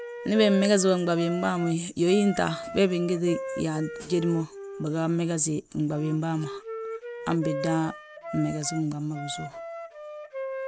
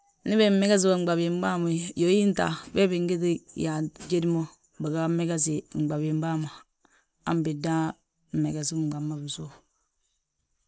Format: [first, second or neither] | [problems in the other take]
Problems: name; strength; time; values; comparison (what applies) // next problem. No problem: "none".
second | background sound (Wind instrument, woodwind instrument); 11 dB below the speech